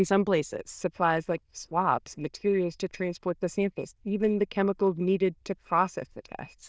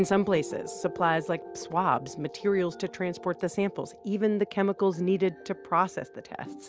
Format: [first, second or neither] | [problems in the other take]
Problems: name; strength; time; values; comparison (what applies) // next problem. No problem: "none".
second | noise reduction (neural diffusion model UNIVERSE++)